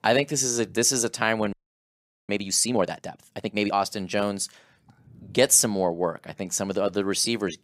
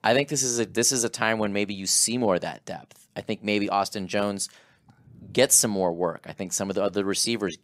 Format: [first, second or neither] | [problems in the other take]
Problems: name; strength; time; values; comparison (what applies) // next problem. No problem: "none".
second | audio freezing; at 1.5 s for 1 s